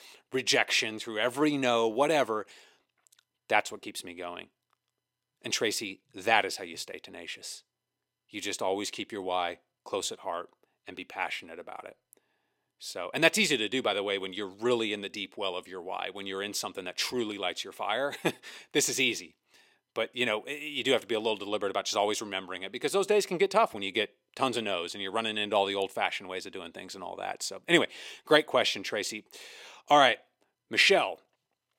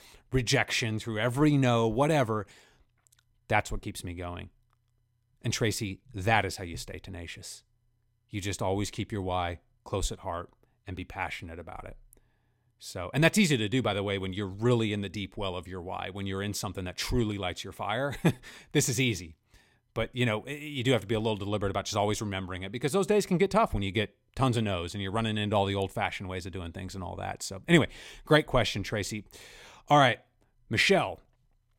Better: second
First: thin; somewhat; fading below 400 Hz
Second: none

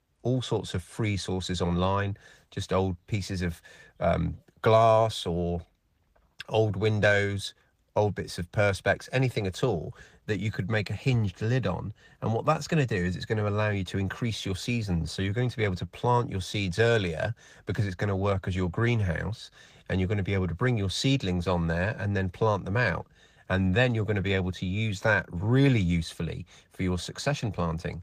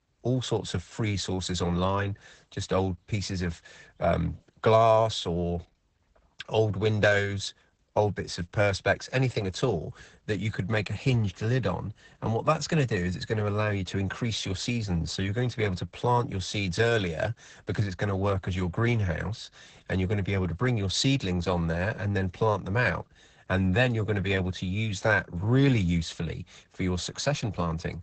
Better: first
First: garbled, watery; slightly; nothing above 15 kHz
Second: garbled, watery; badly; nothing above 8 kHz

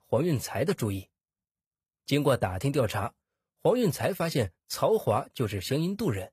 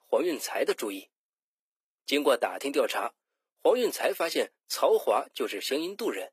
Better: first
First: none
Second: thin; somewhat; fading below 300 Hz

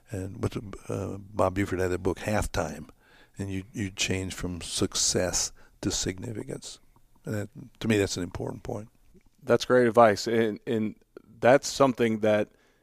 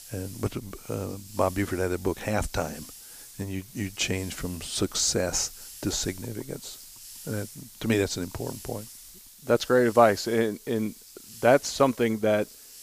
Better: first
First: none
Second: hiss; noticeable; throughout; 15 dB below the speech

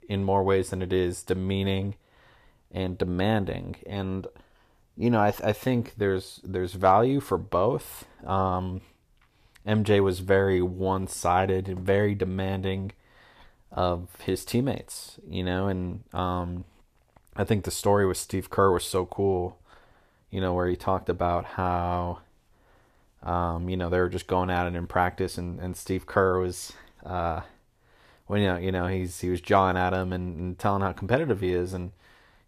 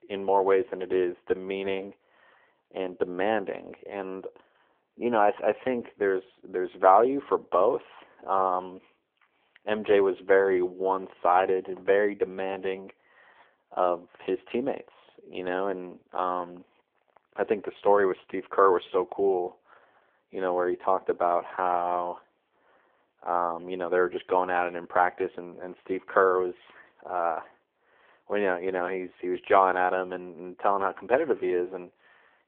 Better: first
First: none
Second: phone-call audio

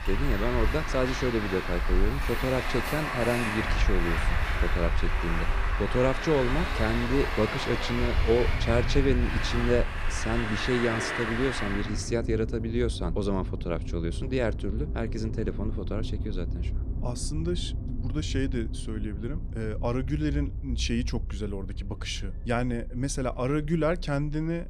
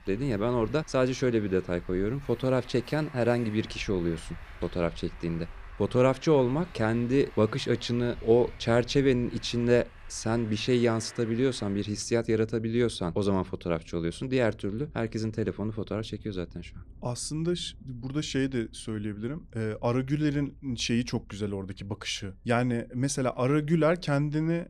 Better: second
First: traffic noise; loud; throughout; 2 dB below the speech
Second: traffic noise; faint; throughout; 20 dB below the speech

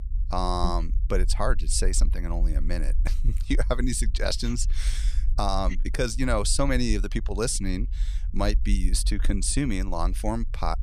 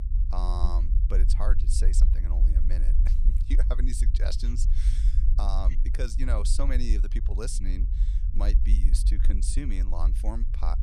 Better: first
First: low rumble; faint; throughout; 25 dB below the speech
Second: low rumble; loud; throughout; 9 dB below the speech

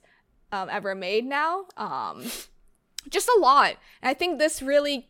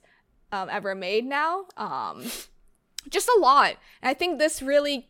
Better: neither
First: none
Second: none

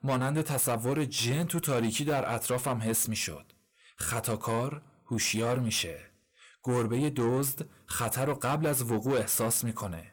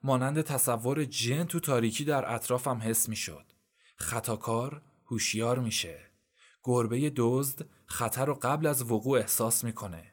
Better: second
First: distortion; slight; 10 dB below the speech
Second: none

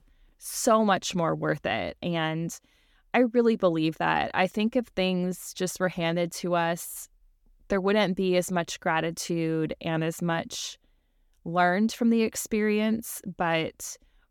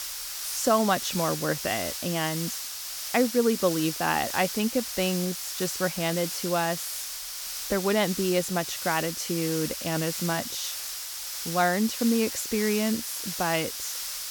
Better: first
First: none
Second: hiss; loud; throughout; 4 dB below the speech

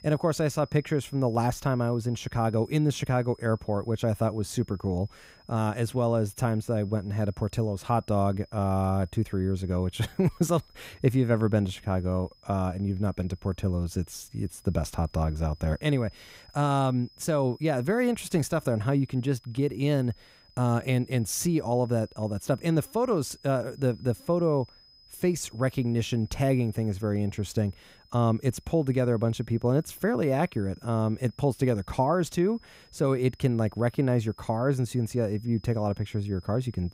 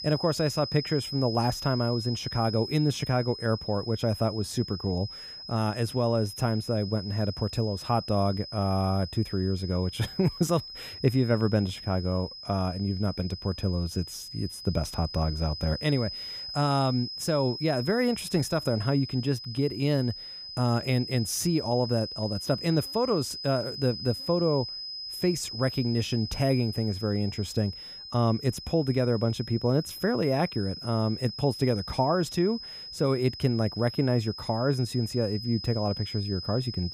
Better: first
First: high-pitched whine; faint; throughout; 5 kHz, 30 dB below the speech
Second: high-pitched whine; loud; throughout; 5 kHz, 9 dB below the speech

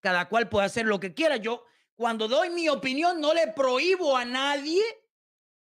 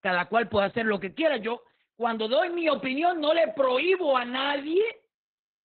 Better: first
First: none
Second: garbled, watery; badly; nothing above 4 kHz

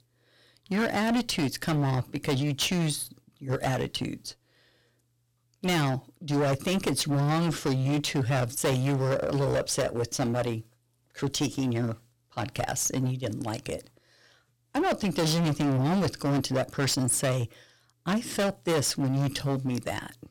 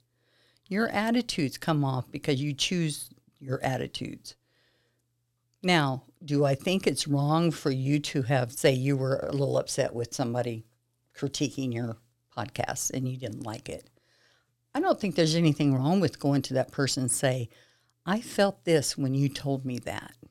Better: second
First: distortion; heavy; 16% of the sound clipped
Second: none

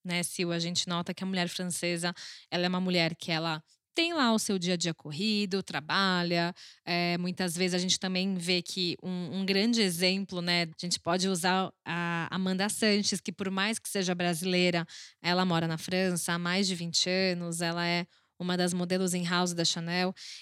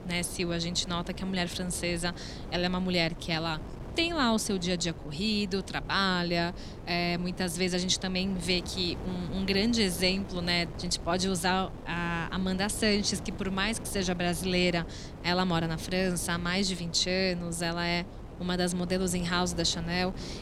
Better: first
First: none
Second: wind noise on the microphone; occasional gusts; 15 dB below the speech

